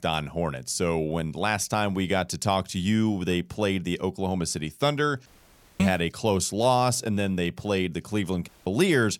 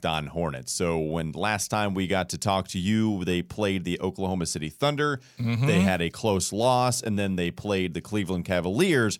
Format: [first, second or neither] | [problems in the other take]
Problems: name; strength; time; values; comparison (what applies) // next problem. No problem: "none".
second | audio cutting out; at 5.5 s for 0.5 s and at 8.5 s